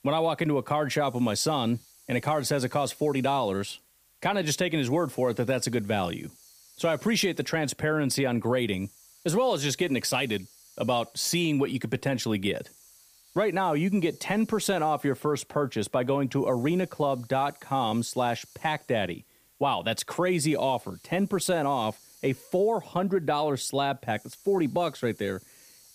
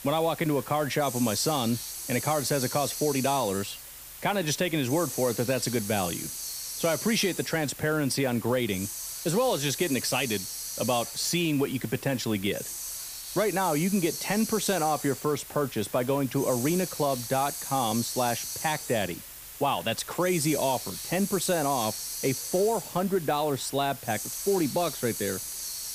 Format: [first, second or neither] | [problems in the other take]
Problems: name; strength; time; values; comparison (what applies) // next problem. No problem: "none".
first | hiss; loud; throughout; 7 dB below the speech; faint in the first